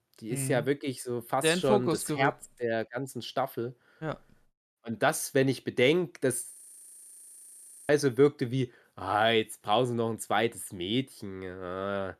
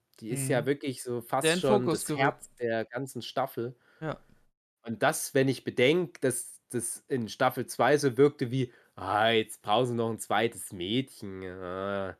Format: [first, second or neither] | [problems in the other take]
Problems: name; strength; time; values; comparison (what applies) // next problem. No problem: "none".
second | audio freezing; at 6.5 s for 1.5 s